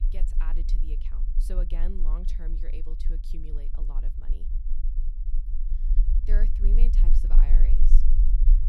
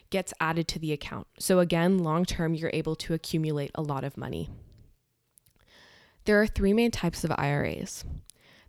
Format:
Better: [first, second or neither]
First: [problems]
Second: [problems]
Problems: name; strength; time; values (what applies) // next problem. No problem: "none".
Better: second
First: low rumble; loud; throughout; 5 dB below the speech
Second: none